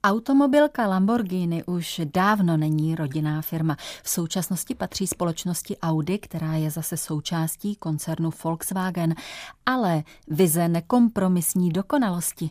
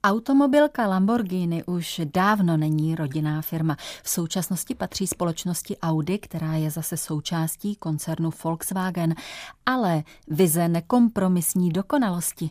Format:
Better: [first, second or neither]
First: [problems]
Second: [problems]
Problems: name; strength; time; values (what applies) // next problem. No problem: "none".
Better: neither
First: none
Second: none